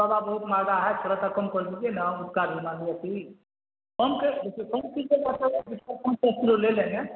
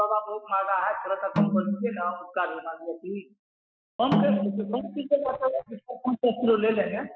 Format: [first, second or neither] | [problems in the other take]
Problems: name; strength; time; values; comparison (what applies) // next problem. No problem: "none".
first | noise reduction (classical method Wiener filter)